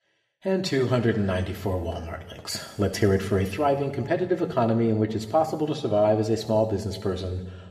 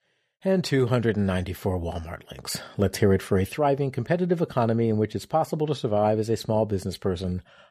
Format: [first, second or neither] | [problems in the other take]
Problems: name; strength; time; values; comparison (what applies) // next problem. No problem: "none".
second | room echo; slight; dies away in 1.4 s